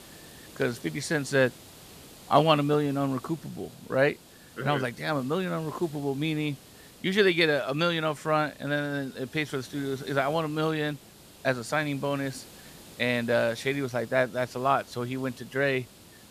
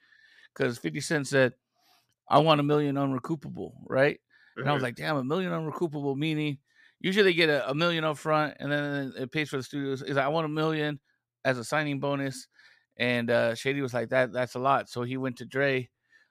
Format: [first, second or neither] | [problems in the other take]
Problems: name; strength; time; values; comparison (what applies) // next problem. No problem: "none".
second | hiss; faint; throughout; 20 dB below the speech